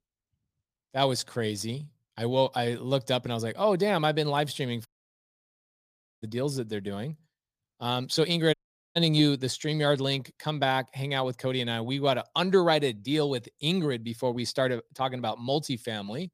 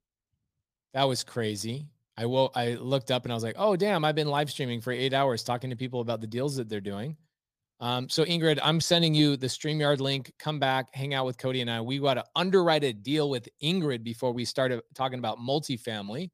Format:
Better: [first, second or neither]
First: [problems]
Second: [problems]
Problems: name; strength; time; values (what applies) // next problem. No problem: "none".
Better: second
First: audio cutting out; at 5 s for 1.5 s and at 8.5 s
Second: none